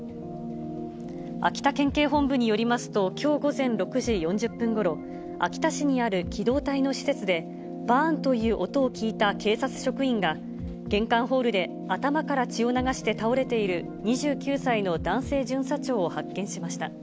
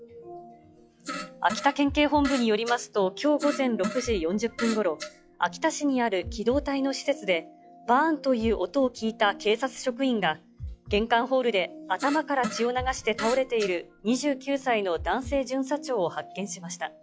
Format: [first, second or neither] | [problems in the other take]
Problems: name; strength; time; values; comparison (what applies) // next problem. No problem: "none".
first | noise reduction (classical method log-MMSE)